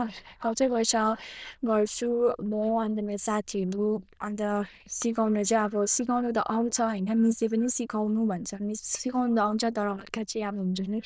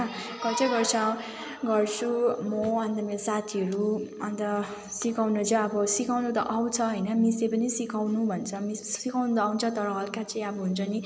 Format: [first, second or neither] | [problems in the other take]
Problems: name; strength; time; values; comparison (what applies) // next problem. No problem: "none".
second | noise reduction (neural diffusion model UNIVERSE++)